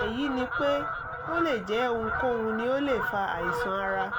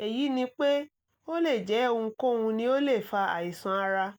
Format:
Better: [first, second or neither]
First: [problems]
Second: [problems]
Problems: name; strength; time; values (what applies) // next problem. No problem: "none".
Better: second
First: background sound (Fowl); 3 dB below the speech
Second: none